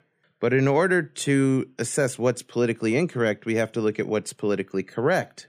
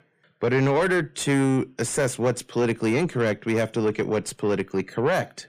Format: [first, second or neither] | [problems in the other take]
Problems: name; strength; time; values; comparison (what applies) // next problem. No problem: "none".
first | distortion; slight; 10 dB below the speech